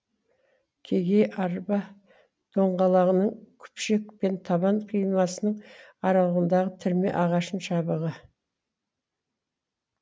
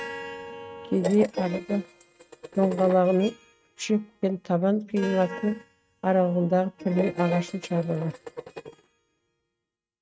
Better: first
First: none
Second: noise reduction (neural mask model RNNoise)

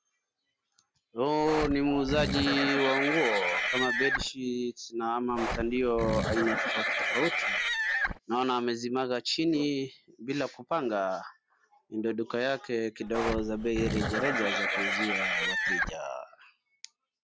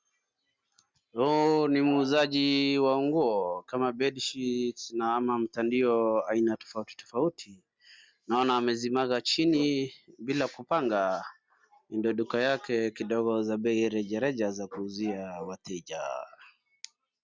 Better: second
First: background sound (Livestock, farm animals, working animals); as loud as the speech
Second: none

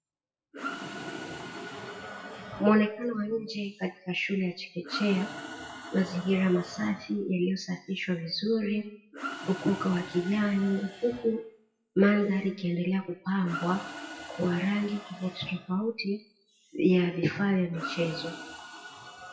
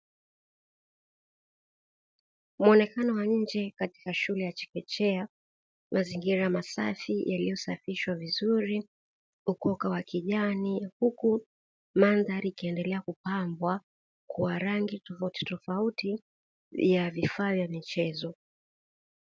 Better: second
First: noise reduction (classical method WPE with log-MMSE)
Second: none

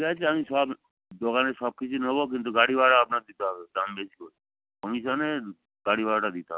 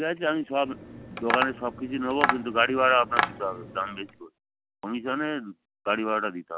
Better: first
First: none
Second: background sound (Tap); 3 dB below the speech

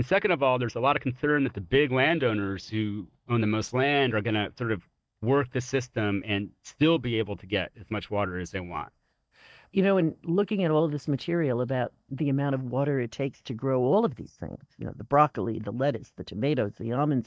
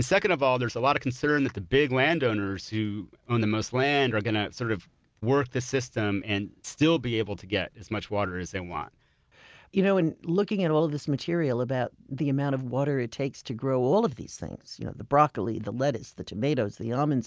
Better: second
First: noise reduction (neural mask model DeepFilterNet 3)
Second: none

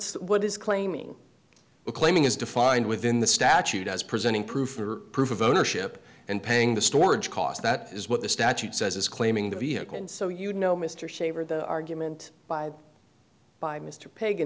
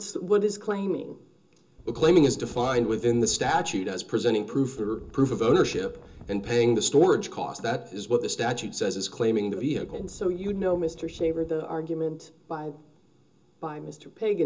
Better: first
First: none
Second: background sound (Wind); 19 dB below the speech // room echo; dies away in 0.2 s

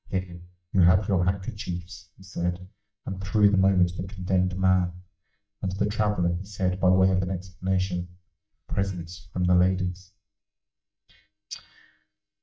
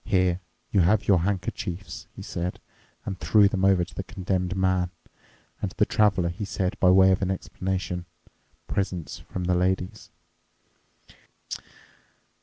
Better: second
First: noise reduction (neural mask model DeepFilterNet 3)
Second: none

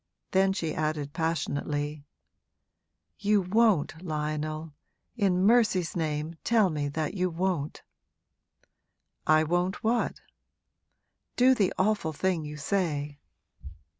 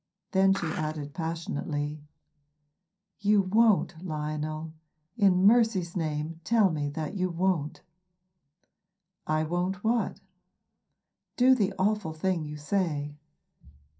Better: first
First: none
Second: background sound (Skateboard); 11 dB below the speech // room echo; dies away in 0.3 s

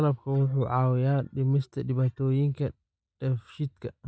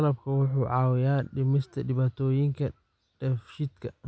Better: second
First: noise reduction (neural mask model DeepFilterNet 3)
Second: none

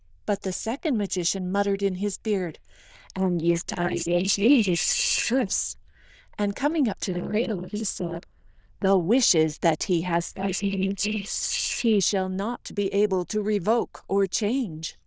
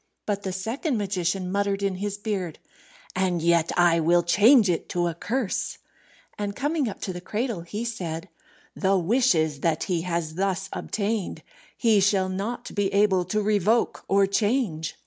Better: second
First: noise reduction (neural diffusion model UNIVERSE++)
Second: none

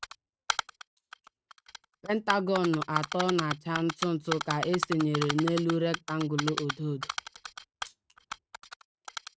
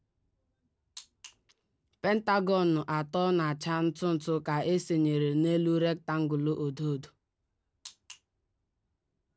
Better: second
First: noise reduction (neural mask model RNNoise)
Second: none

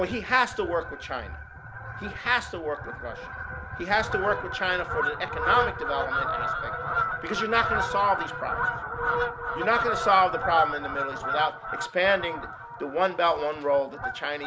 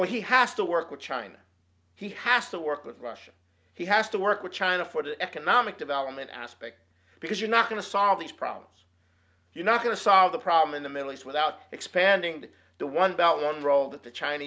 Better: second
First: background sound (Fowl); 3 dB below the speech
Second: none

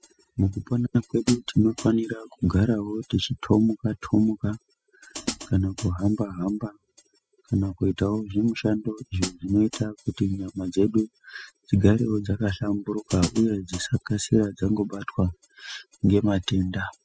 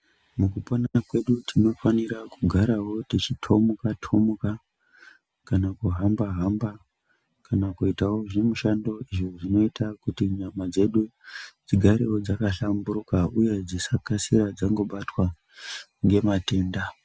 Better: second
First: noise reduction (classical method spectral subtraction)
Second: none

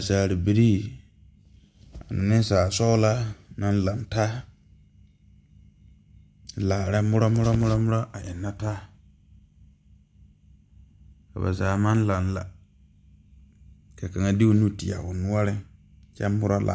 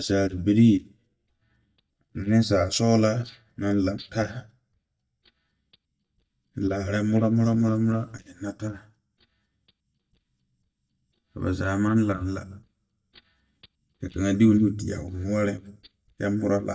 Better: first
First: none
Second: noise reduction (neural mask model DeepFilterNet 3)

